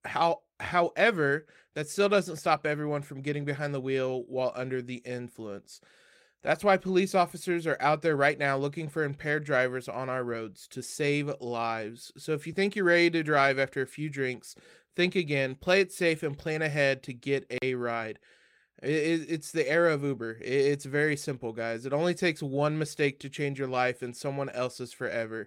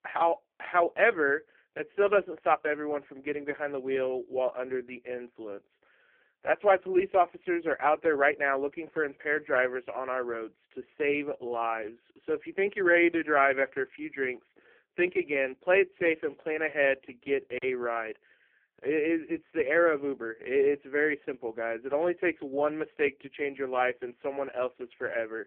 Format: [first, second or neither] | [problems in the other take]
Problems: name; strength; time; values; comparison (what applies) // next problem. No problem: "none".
first | phone-call audio; poor line